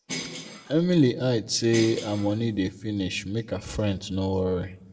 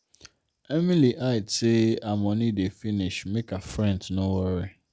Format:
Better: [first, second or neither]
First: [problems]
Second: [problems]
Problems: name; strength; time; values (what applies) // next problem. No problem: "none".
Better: second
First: background sound (Bell); 12 dB below the speech // room echo; dies away in 0.5 s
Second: none